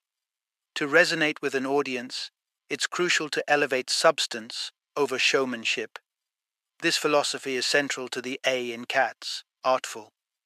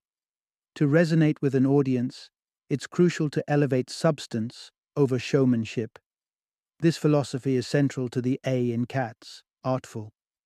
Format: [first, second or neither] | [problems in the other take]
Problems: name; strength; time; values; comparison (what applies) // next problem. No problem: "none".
second | thin; very; fading below 800 Hz